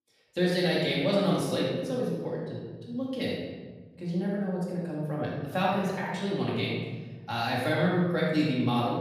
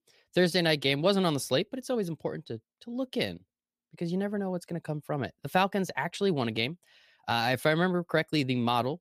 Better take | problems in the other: second | off-mic speech; far // room echo; strong; dies away in 1.5 s

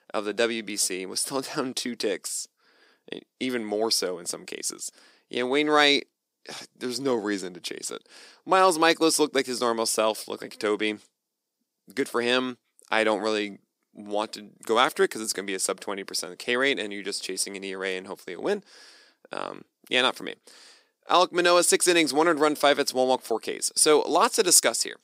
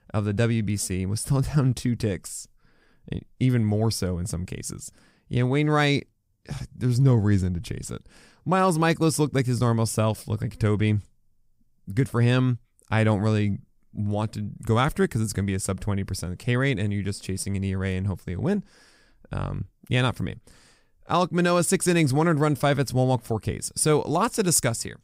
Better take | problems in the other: second | thin; very; fading below 300 Hz

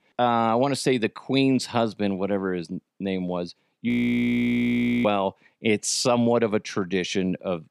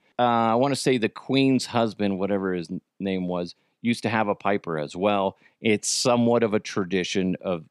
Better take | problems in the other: second | audio freezing; at 4 s for 1 s

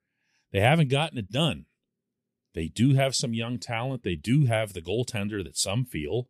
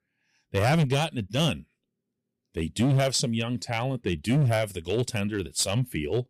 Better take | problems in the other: first | distortion; slight; 6% of the sound clipped

